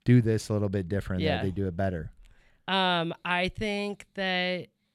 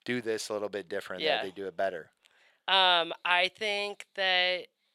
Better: first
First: none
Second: thin; very; fading below 600 Hz

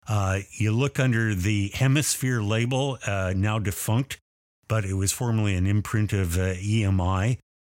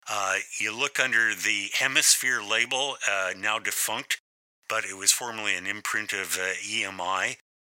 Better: first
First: none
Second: thin; very; fading below 700 Hz

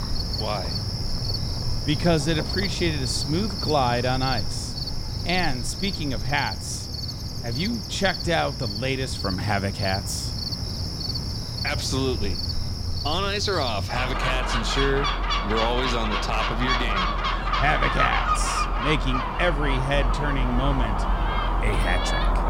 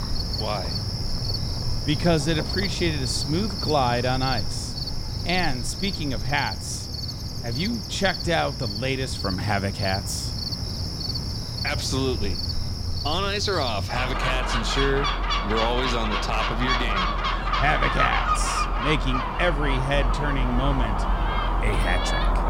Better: neither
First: animal sounds; loud; throughout; as loud as the speech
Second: animal sounds; loud; throughout; as loud as the speech

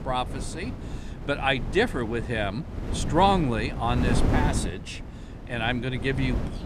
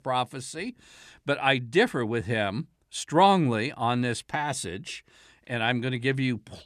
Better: second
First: wind noise on the microphone; occasional gusts; 10 dB below the speech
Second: none

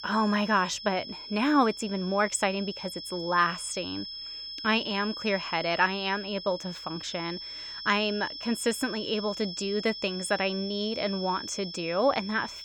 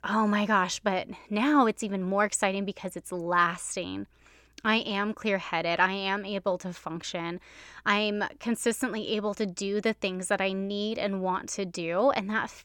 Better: second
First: high-pitched whine; loud; throughout; 5 kHz, 9 dB below the speech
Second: none

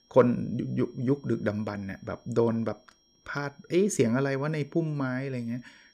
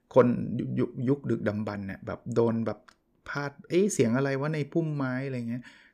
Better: second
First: high-pitched whine; faint; throughout; 5.5 kHz, 35 dB below the speech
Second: none

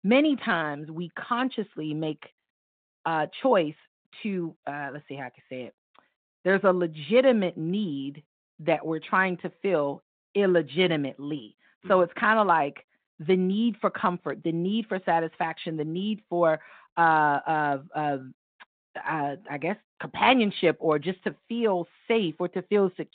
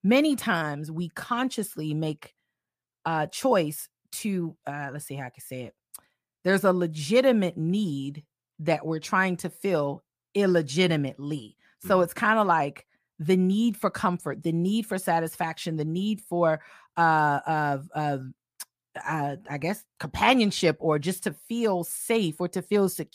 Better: second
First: phone-call audio; nothing above 3.5 kHz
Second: none

